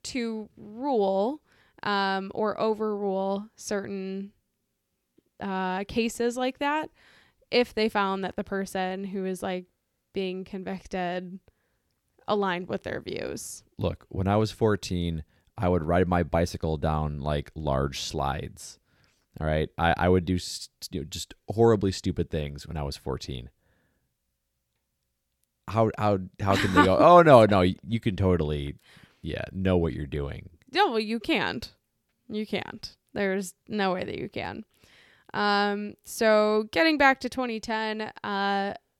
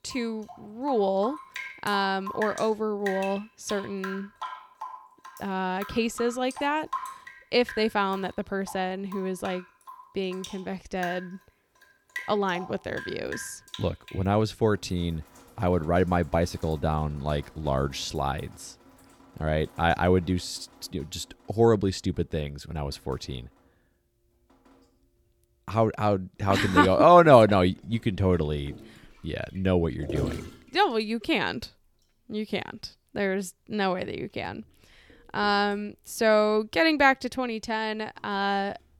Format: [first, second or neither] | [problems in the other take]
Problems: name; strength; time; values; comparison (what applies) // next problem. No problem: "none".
first | rain or running water; noticeable; throughout; 15 dB below the speech